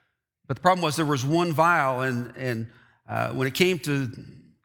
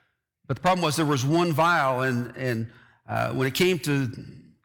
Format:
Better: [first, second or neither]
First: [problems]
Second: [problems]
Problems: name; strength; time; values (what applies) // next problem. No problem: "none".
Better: first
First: none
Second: distortion; slight; 10 dB below the speech